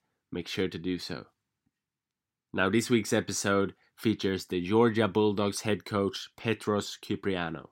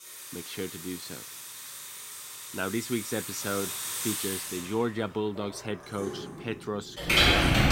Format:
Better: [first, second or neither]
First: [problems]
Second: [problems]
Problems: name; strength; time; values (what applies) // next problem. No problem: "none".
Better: first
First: none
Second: household noises; very loud; throughout; 5 dB above the speech